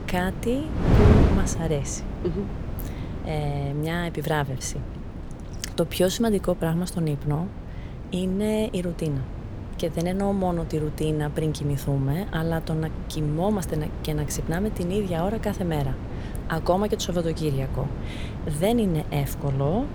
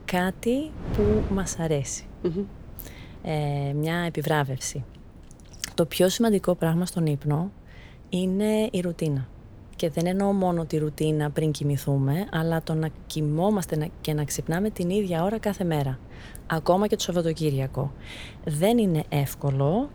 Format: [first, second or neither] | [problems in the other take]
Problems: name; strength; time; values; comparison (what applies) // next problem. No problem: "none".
second | wind noise on the microphone; heavy; 9 dB below the speech; occasional gusts in the second